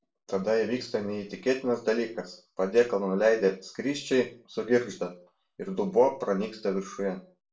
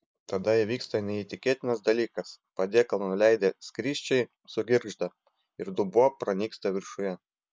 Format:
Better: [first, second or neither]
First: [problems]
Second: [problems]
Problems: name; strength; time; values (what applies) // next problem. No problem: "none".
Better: second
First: room echo; dies away in 0.3 s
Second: none